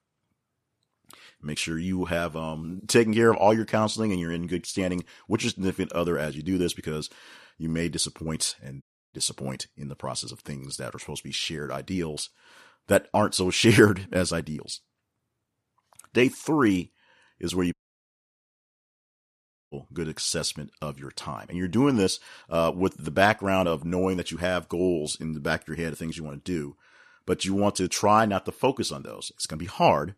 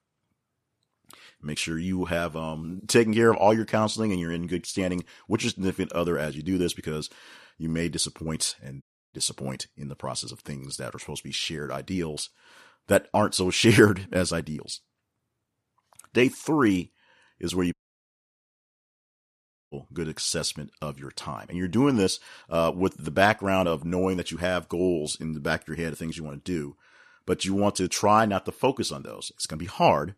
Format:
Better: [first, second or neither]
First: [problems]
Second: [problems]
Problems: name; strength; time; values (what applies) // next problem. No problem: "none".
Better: neither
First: audio cutting out; at 9 s and at 18 s for 2 s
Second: audio cutting out; at 9 s and at 18 s for 2 s